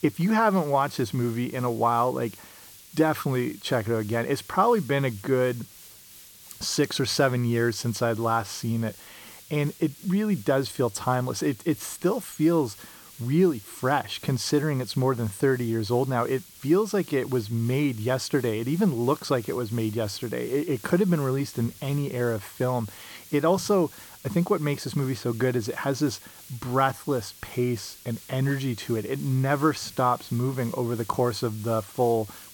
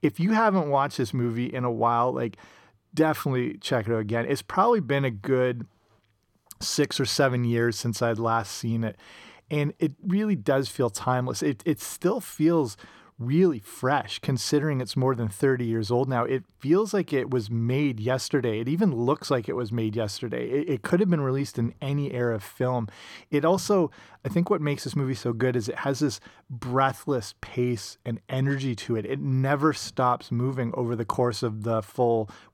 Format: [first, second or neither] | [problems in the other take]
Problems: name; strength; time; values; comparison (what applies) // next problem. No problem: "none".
second | hiss; noticeable; throughout; 20 dB below the speech